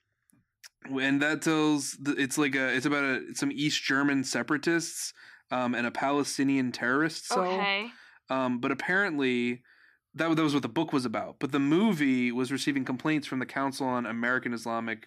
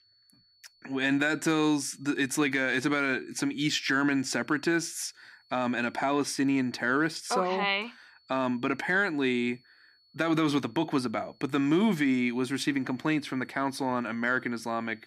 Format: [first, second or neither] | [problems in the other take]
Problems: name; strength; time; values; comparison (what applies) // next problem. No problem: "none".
first | high-pitched whine; faint; throughout; 4.5 kHz, 35 dB below the speech